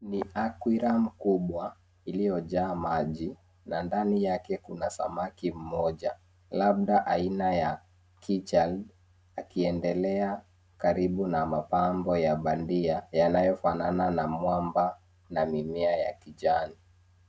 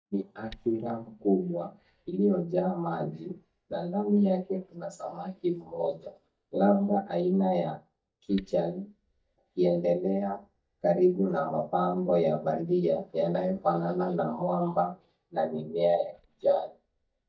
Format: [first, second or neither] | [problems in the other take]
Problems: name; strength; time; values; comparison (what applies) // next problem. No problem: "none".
first | noise reduction (neural mask model DeepFilterNet 3)